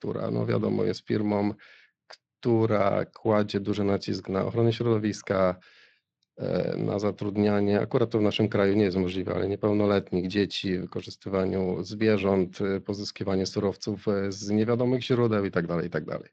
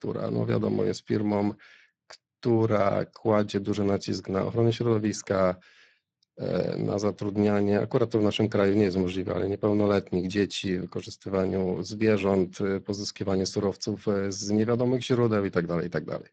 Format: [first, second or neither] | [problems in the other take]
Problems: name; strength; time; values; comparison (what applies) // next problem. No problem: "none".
first | garbled, watery; badly; nothing above 7.5 kHz; slightly in the first